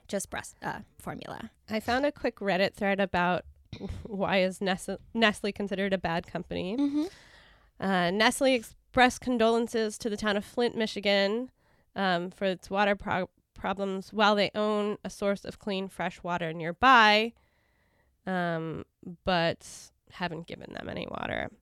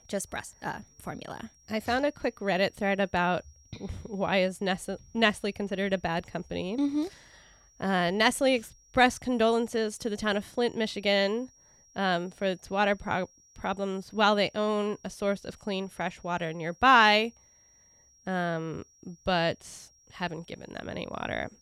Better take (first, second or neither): first